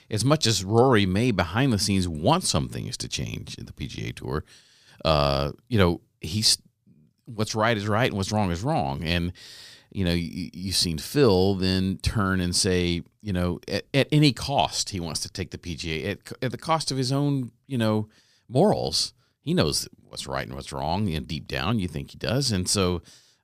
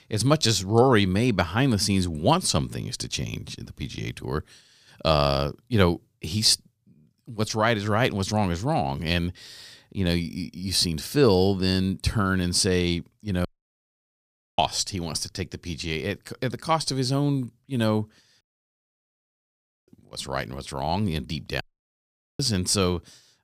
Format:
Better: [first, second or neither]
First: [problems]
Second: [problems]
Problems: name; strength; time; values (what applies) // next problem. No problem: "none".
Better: first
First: none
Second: audio cutting out; at 13 s for 1 s, at 18 s for 1.5 s and at 22 s for 1 s